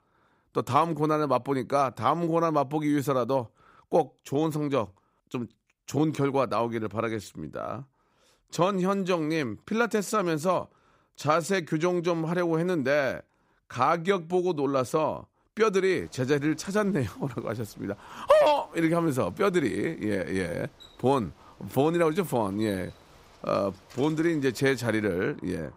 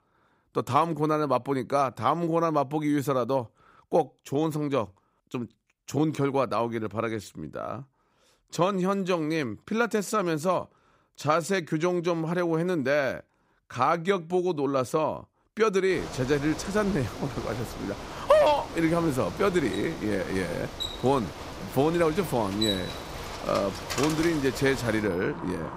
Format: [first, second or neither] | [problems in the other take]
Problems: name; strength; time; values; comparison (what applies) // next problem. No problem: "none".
first | traffic noise; loud; from 16 s on; 9 dB below the speech; faint in the first